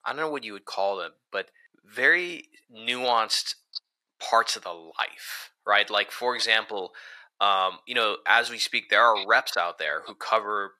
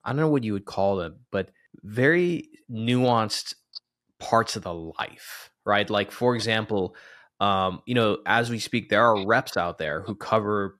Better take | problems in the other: second | thin; very; fading below 750 Hz

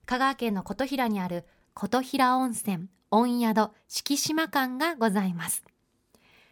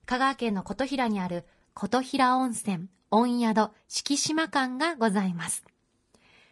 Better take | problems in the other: first | garbled, watery; slightly; nothing above 10.5 kHz

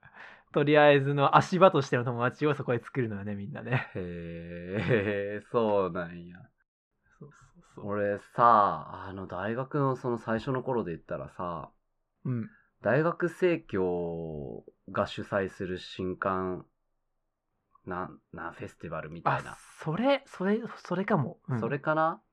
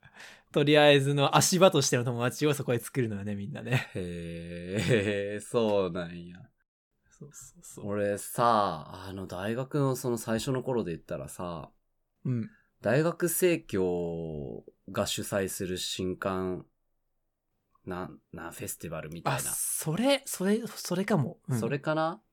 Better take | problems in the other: second | muffled; very; fading above 2.5 kHz

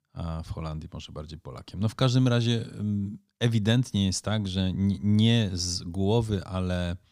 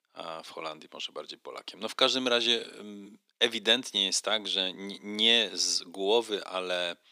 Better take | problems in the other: first | thin; very; fading below 350 Hz

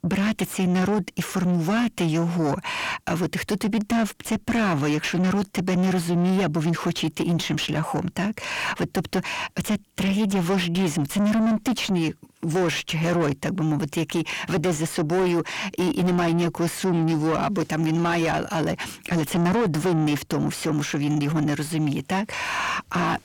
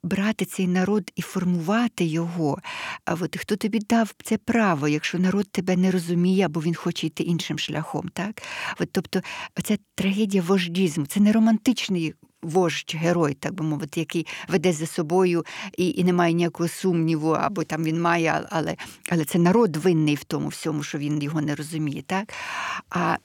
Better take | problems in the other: second | distortion; heavy; 8 dB below the speech

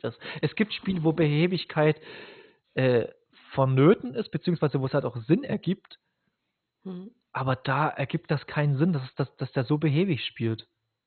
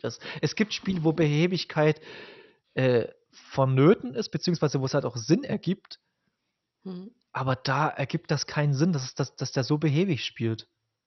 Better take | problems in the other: second | garbled, watery; badly; nothing above 4 kHz; slightly in the second

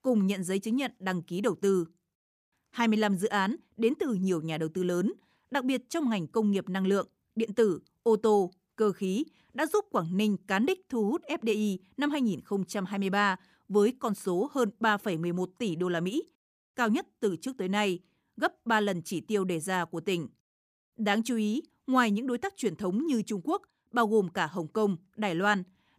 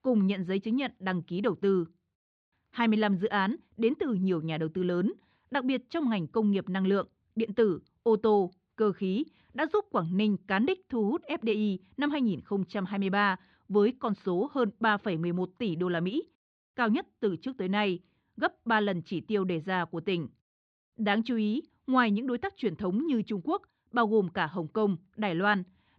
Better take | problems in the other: first | muffled; slightly; fading above 4 kHz

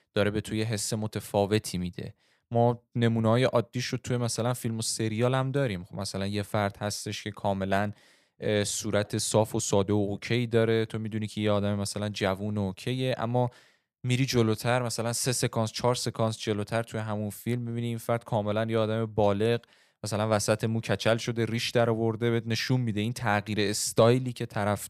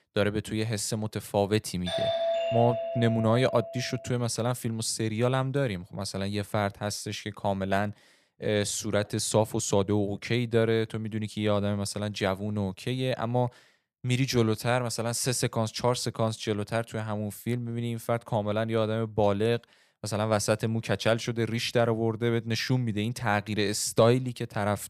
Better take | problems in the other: first | doorbell; loud; from 2 to 4 s; peak 1 dB above the speech

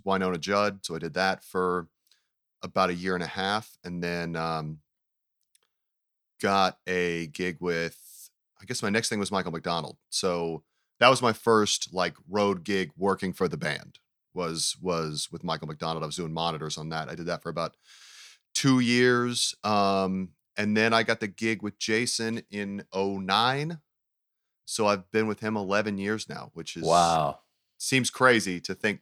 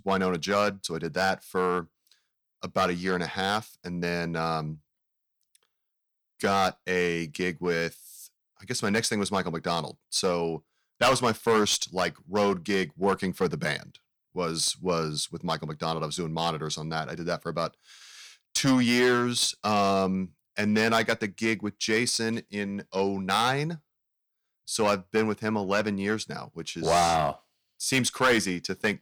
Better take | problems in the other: first | distortion; slight; 3% of the sound clipped

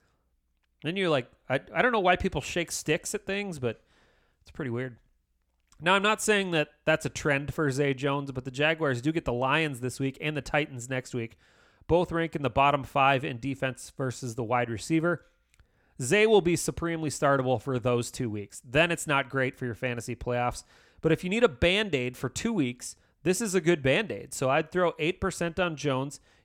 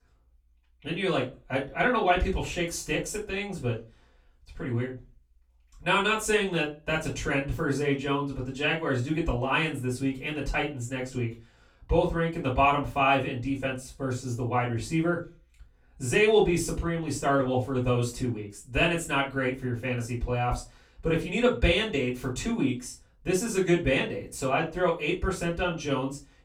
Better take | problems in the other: first | room echo; slight; dies away in 0.2 s // off-mic speech; far

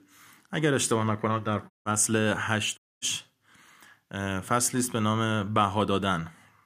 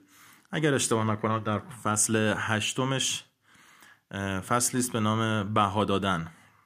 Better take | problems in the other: second | audio cutting out; at 1.5 s and at 3 s

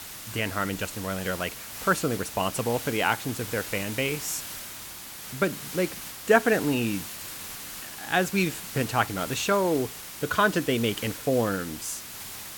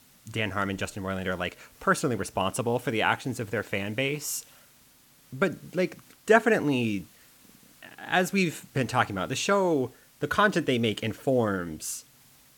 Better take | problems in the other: second | hiss; loud; throughout; 9 dB below the speech; faint in the second

